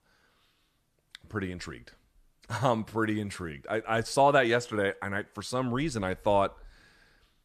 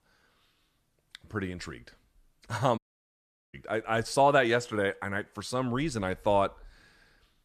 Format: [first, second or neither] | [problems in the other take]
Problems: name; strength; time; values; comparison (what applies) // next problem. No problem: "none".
first | audio cutting out; at 3 s for 1 s